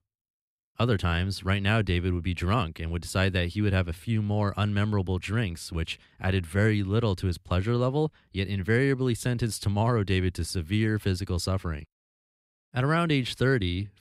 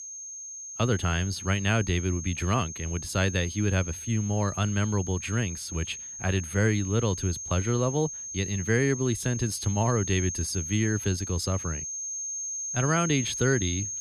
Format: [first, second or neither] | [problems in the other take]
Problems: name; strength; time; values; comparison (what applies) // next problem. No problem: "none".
first | high-pitched whine; loud; throughout; 6.5 kHz, 6 dB below the speech